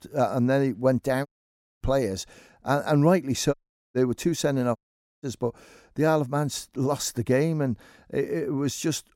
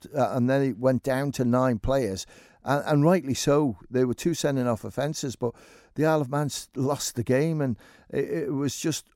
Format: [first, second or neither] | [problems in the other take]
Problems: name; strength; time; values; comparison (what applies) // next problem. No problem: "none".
second | audio cutting out; at 1.5 s for 0.5 s, at 3.5 s and at 5 s